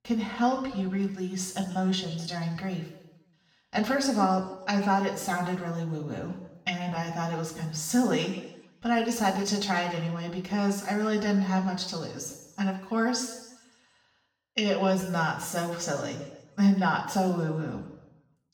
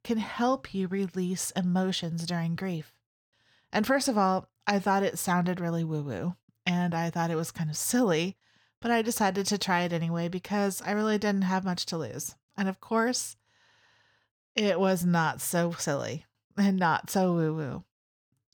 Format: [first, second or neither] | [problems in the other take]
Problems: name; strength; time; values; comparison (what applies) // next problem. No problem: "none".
second | room echo; noticeable; dies away in 1 s // off-mic speech; far